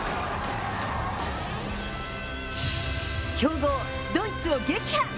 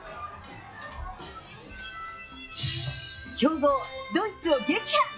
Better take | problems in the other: first | noise reduction (classical method log-MMSE)

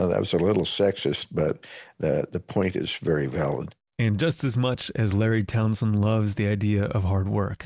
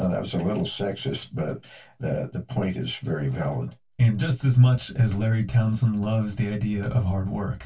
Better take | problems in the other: first | room echo; dies away in 0.1 s

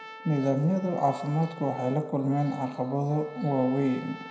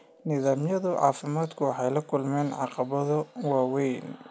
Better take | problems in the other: second | background sound (Trumpet); 19 dB below the speech // room echo; dies away in 0.7 s

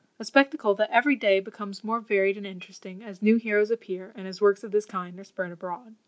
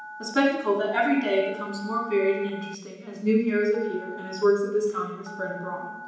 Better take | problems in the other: first | background sound (Telephone); 17 dB below the speech // room echo; dies away in 1 s

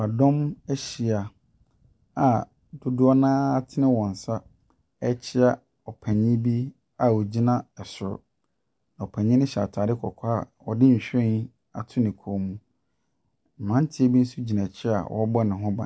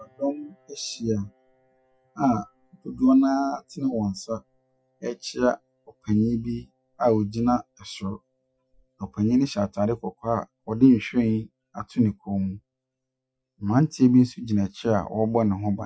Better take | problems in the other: first | noise reduction (classical method Wiener filter)

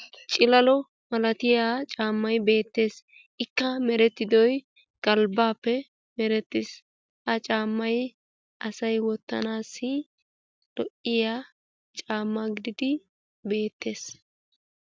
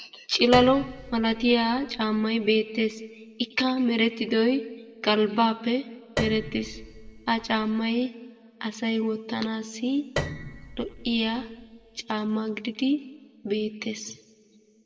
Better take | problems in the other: first | background sound (Piano); 10 dB below the speech // room echo; dies away in 1.5 s

